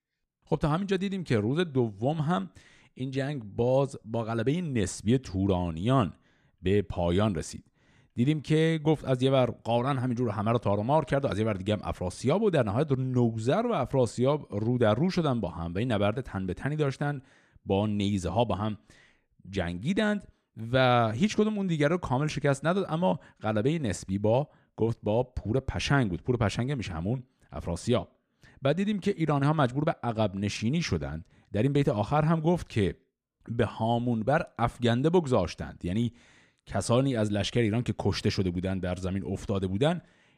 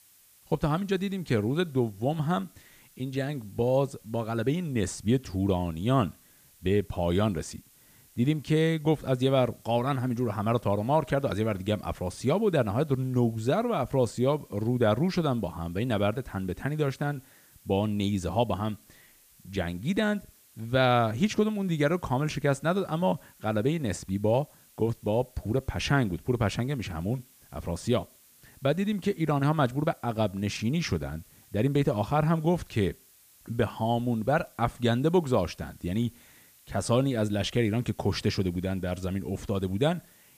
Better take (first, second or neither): first